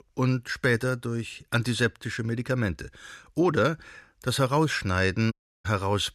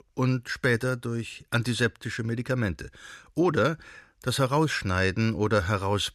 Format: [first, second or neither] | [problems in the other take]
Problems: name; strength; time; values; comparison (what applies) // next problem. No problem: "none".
second | audio cutting out; at 5.5 s